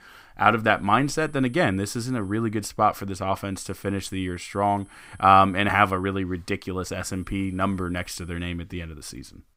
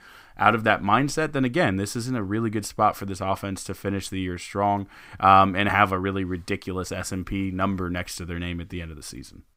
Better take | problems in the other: second | high-pitched whine; faint; from 1 to 2.5 s, from 3.5 to 6 s and from 7 to 8.5 s; 10 kHz, 30 dB below the speech

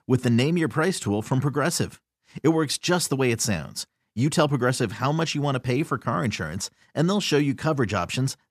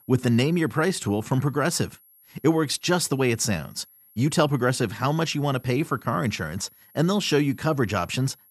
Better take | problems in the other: first | high-pitched whine; faint; throughout; 11.5 kHz, 30 dB below the speech

